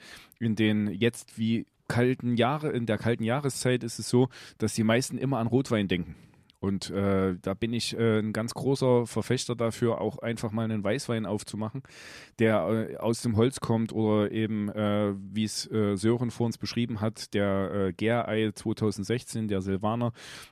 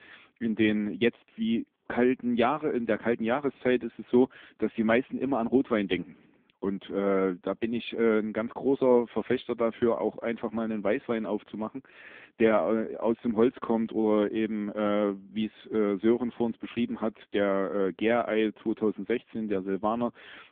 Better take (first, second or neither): first